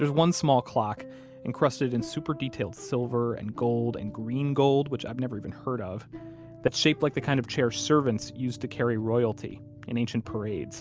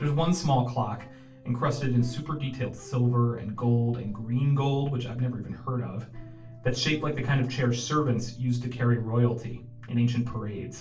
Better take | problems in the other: first | room echo; dies away in 0.3 s

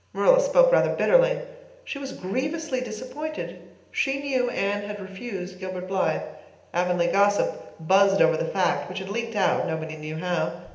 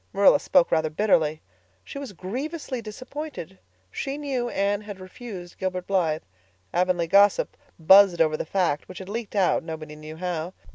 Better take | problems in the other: second | room echo; dies away in 0.8 s

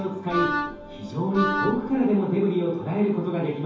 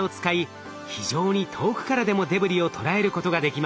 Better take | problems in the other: second | background sound (Wind instrument, woodwind instrument); 5 dB below the speech // room echo; dies away in 0.9 s

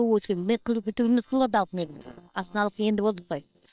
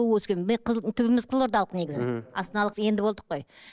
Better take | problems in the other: second | noise reduction (neural separator model SepFormer WHAM!)

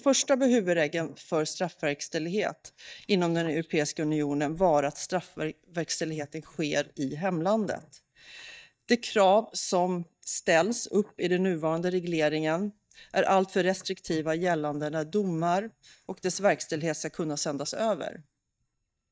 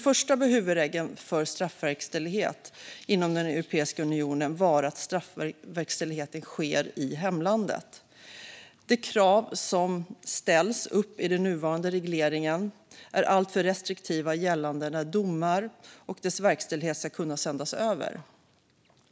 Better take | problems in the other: second | noise reduction (neural mask model DeepFilterNet 3)

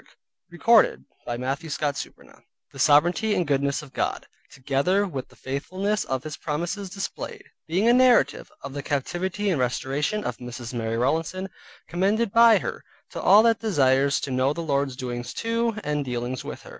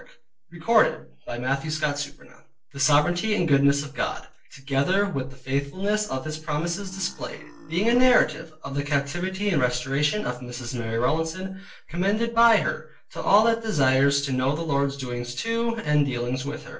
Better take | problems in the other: first | noise reduction (neural separator model SepFormer DNS4)

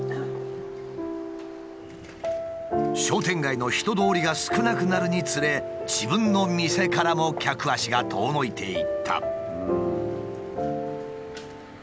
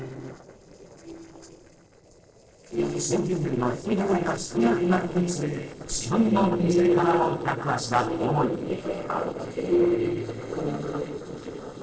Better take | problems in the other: first | noise reduction (neural separator model SepFormer DNS4)

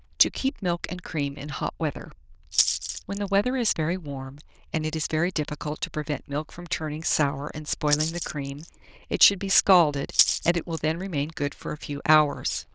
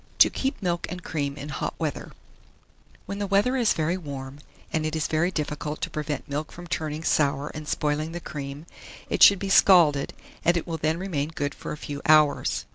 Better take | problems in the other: second | noise reduction (neural diffusion model UNIVERSE++)

